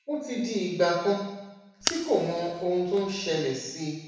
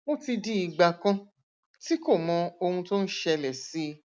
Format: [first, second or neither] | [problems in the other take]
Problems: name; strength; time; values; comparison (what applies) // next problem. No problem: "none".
second | background sound (Fire); 9 dB below the speech // room echo; dies away in 1 s